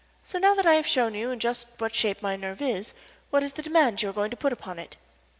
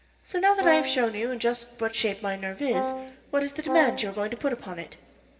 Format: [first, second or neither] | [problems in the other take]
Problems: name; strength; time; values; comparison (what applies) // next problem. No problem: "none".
first | background sound (Brass instrument); 5 dB below the speech // room echo; dies away in 2.9 s